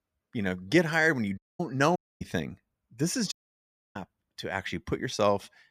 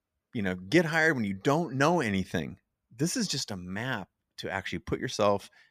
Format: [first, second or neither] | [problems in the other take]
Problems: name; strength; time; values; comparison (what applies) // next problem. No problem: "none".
second | audio cutting out; at 1.5 s, at 2 s and at 3.5 s for 0.5 s